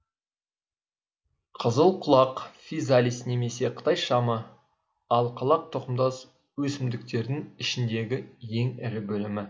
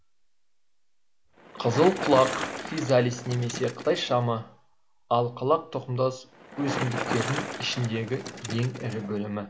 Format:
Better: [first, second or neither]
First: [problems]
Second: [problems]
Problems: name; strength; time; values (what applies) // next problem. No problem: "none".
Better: first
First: none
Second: background sound (Bicycle); 9 dB below the speech